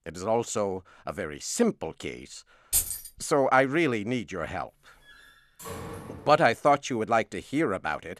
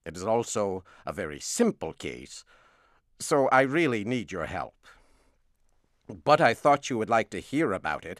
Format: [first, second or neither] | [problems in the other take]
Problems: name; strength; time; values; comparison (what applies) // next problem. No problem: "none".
second | jangling keys; loud; at 2.5 s; peak 1 dB above the speech // door banging; faint; from 5 to 6.5 s; peak 10 dB below the speech